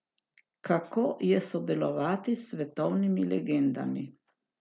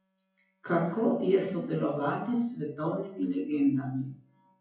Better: first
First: none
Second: noise reduction (classical method WPE with log-MMSE)

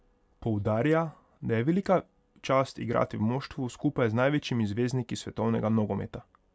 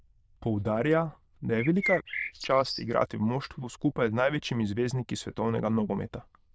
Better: first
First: none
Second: noise reduction (neural diffusion model UNIVERSE++)

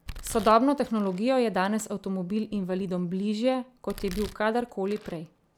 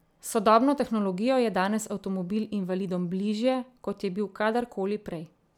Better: second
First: background sound (Domestic sounds, home sounds); 19 dB below the speech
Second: none

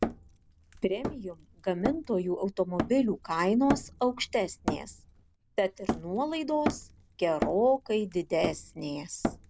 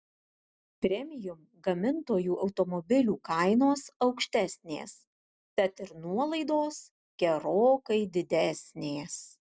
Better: second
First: background sound (Hammer); 7 dB below the speech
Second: none

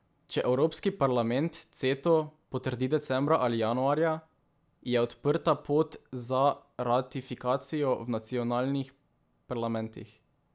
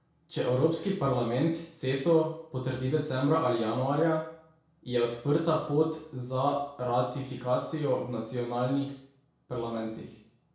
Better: first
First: none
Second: room echo; dies away in 0.6 s

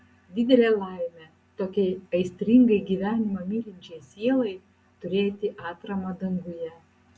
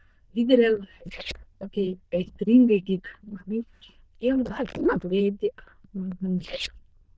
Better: first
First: none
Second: noise reduction (neural diffusion model UNIVERSE++)

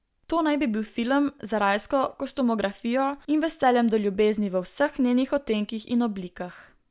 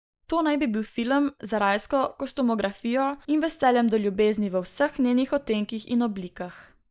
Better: first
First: none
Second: noise reduction (neural mask model Resemble Enhance denoiser)

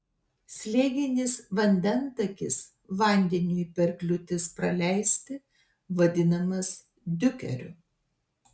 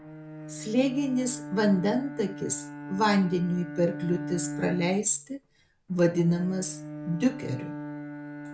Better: first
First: none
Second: background sound (Bowed string instrument); 10 dB below the speech

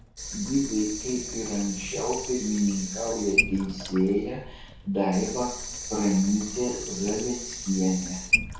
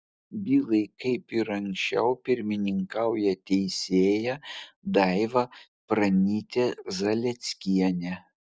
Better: second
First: background sound (Sink (filling or washing) / Water tap, faucet); 5 dB below the speech // room echo; dies away in 0.6 s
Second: none

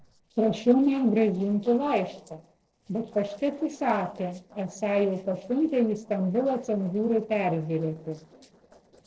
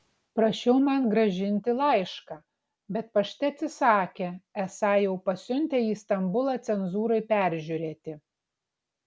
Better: second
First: noise reduction (neural separator model SepFormer DNS4)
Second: none

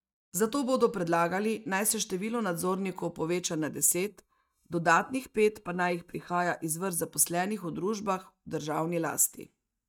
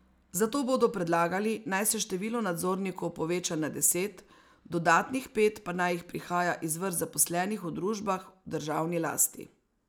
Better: second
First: noise reduction (neural mask model DeepFilterNet 3)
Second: none

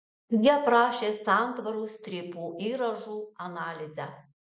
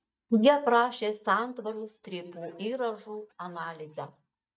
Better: first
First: none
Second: noise reduction (neural mask model DeepFilterNet 3)

